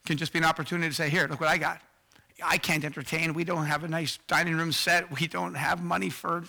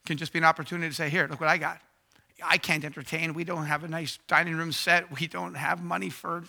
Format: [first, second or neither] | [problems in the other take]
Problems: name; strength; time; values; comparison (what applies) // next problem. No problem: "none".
second | distortion; heavy; 3% of the sound clipped